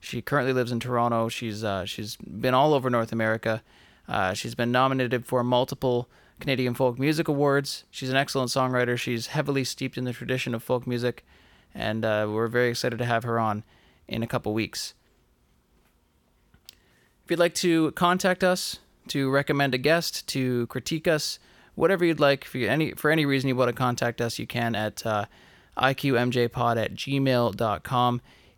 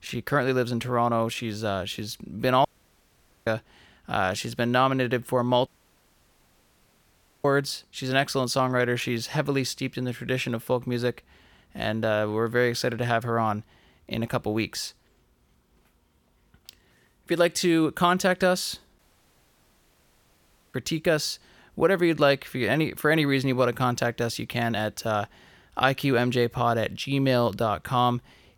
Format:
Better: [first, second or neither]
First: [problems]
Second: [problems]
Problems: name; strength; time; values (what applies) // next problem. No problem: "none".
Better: first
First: none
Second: audio cutting out; at 2.5 s for 1 s, at 5.5 s for 2 s and at 19 s for 2 s